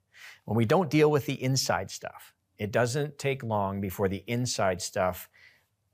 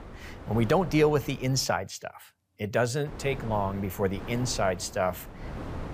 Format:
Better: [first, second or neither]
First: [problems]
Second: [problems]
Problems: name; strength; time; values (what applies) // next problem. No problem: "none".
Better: first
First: none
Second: wind noise on the microphone; occasional gusts; until 1.5 s and from 3 s on; 15 dB below the speech